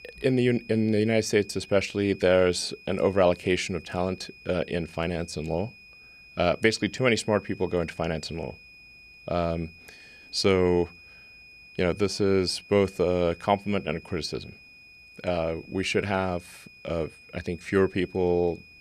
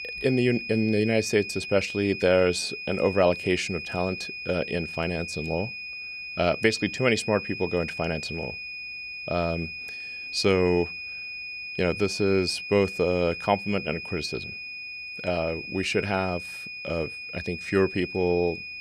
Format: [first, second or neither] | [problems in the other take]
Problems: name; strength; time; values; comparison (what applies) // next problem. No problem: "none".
first | high-pitched whine; loud; throughout; 2.5 kHz, 8 dB below the speech; faint in the first